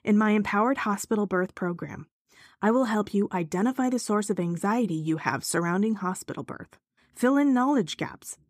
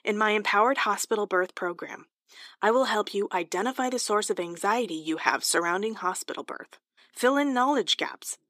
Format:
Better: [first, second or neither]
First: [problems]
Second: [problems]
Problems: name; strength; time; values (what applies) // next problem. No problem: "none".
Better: first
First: none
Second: thin; somewhat; fading below 350 Hz